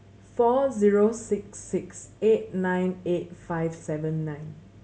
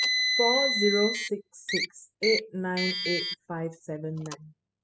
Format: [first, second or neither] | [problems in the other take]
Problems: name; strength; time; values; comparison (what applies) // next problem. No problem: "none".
first | noise reduction (classical method spectral subtraction)